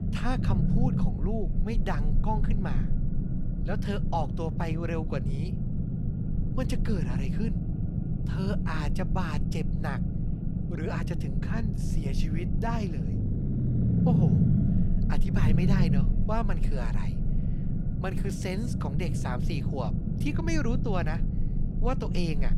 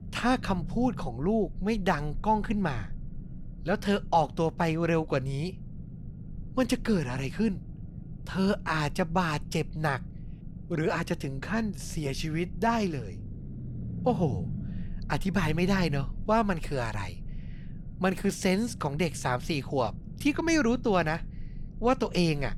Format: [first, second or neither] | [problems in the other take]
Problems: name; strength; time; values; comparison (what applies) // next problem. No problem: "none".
second | low rumble; loud; throughout; 3 dB below the speech; faint in the second